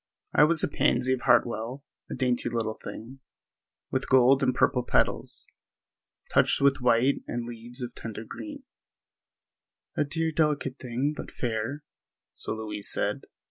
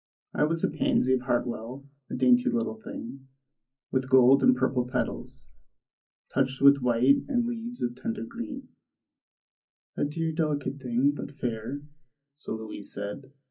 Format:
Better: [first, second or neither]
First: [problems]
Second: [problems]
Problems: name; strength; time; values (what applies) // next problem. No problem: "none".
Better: first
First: none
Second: room echo; dies away in 0.4 s